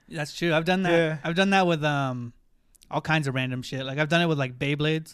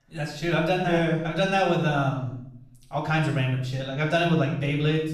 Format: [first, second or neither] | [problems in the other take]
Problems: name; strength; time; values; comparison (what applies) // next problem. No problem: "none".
first | off-mic speech; far // room echo; noticeable; dies away in 0.6 s